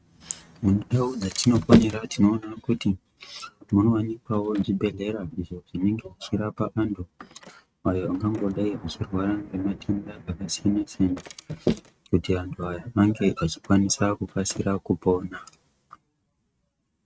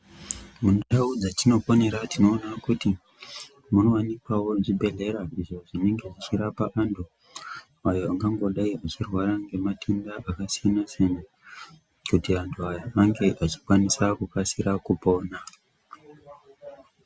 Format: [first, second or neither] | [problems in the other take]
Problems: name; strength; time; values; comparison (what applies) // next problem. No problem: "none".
second | noise reduction (neural mask model RNNoise)